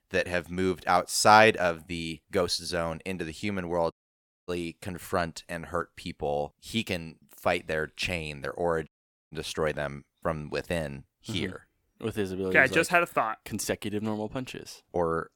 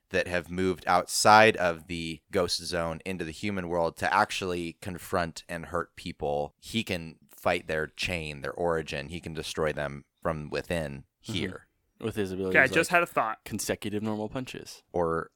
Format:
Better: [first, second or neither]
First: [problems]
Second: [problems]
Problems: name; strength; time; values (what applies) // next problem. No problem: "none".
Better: second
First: audio cutting out; at 4 s for 0.5 s and at 9 s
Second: none